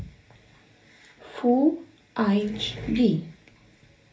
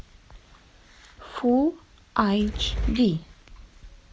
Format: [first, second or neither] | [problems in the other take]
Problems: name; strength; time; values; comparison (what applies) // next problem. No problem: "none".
second | room echo; dies away in 0.3 s